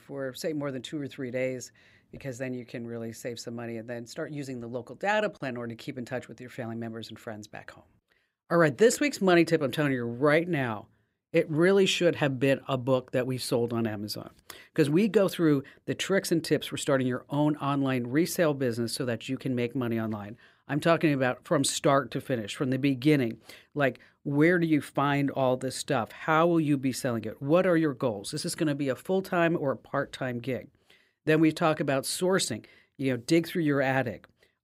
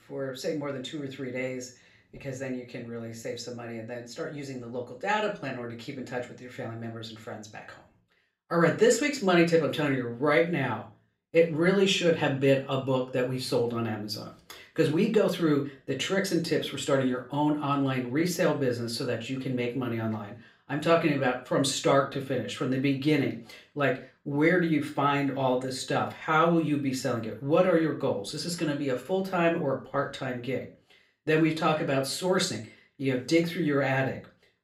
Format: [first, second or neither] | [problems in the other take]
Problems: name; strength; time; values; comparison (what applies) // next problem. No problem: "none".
first | room echo; slight; dies away in 0.3 s // off-mic speech; far